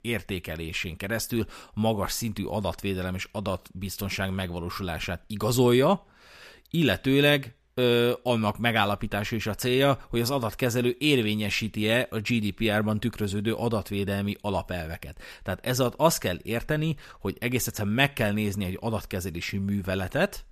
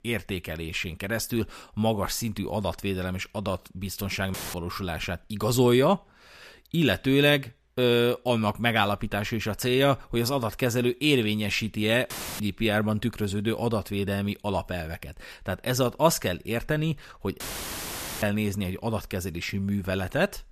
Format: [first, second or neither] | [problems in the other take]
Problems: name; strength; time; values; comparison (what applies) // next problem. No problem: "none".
first | audio cutting out; filled with static; at 4.5 s, at 12 s and at 17 s for 1 s